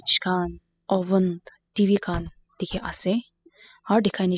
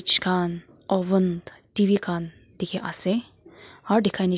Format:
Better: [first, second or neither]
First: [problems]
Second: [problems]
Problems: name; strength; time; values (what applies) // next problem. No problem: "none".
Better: second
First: noise reduction (classical method spectral subtraction)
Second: none